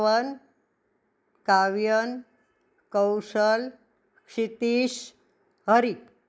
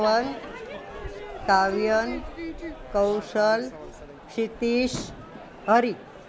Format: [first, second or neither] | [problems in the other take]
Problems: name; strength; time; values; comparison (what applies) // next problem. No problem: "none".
first | background sound (Crowd / Fireworks); 11 dB below the speech